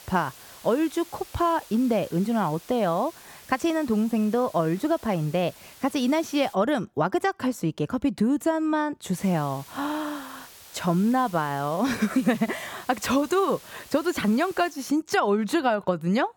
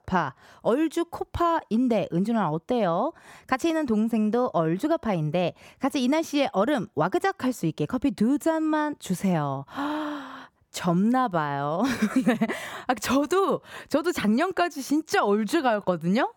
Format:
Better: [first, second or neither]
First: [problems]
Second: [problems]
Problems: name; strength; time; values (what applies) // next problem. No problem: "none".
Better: second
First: hiss; faint; until 6.5 s and from 9 to 15 s; 20 dB below the speech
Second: none